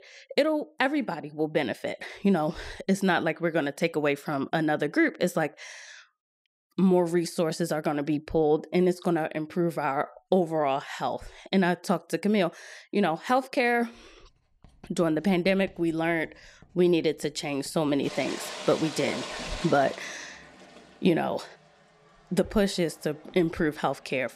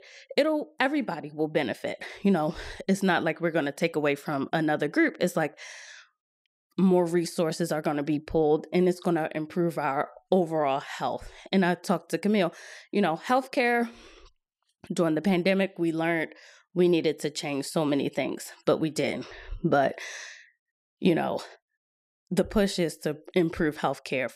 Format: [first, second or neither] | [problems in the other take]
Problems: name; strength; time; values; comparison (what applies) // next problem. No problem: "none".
second | household noises; noticeable; from 14 s on; 15 dB below the speech